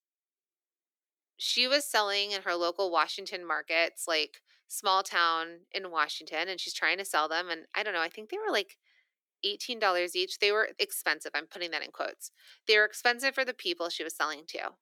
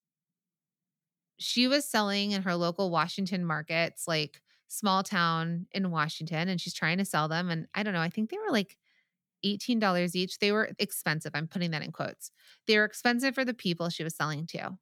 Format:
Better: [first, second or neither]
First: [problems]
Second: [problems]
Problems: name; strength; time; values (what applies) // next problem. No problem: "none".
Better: second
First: thin; very; fading below 350 Hz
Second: none